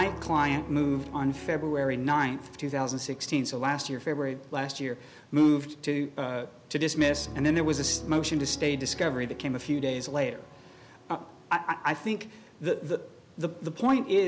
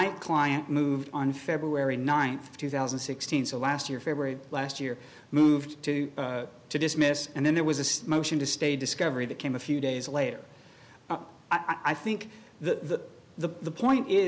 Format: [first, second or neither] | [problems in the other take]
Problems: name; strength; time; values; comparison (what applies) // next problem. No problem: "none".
second | background sound (Piano); 17 dB below the speech